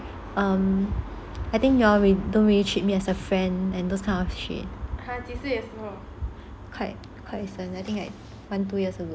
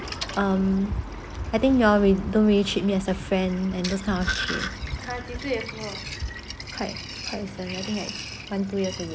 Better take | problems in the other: first | background sound (Sink (filling or washing)); 12 dB below the speech

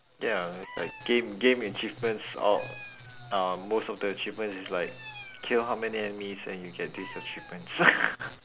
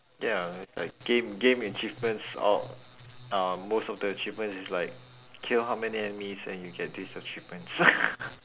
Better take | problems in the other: second | background sound (Meow); 20 dB below the speech

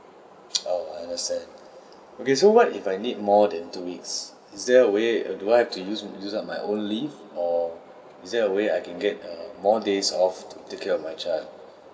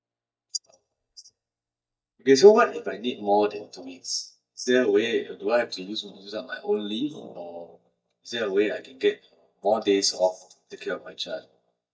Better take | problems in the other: first | noise reduction (neural mask model DeepFilterNet 3)

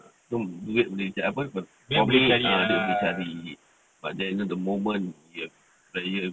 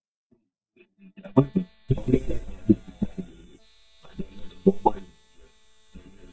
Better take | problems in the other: first | noise reduction (neural mask model DeepFilterNet 3)

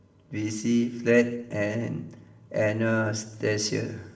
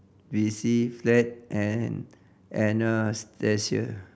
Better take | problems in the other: second | room echo; dies away in 0.8 s

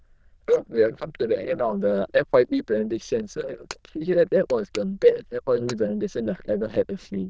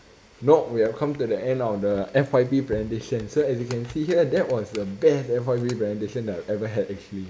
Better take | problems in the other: second | noise reduction (neural diffusion model UNIVERSE++)

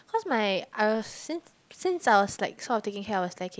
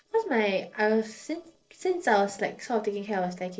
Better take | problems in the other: first | noise reduction (neural separator model SepFormer DNS4)

